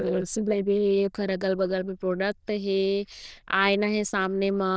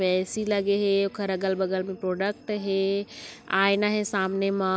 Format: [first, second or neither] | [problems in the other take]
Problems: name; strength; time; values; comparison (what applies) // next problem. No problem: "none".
second | noise reduction (neural diffusion model UNIVERSE++)